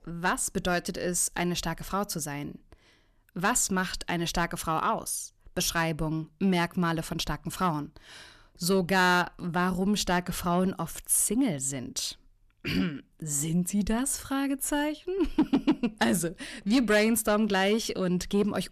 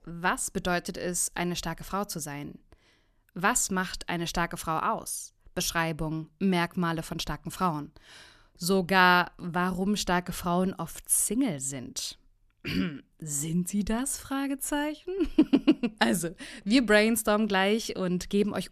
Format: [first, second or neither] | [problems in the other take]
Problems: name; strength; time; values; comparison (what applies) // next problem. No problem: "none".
second | distortion; slight; 10 dB below the speech